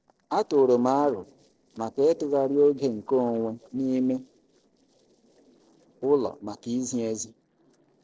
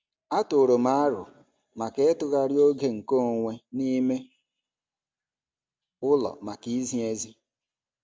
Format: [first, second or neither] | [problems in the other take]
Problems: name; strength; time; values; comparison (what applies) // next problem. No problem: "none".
second | noise reduction (neural separator model SepFormer DNS4)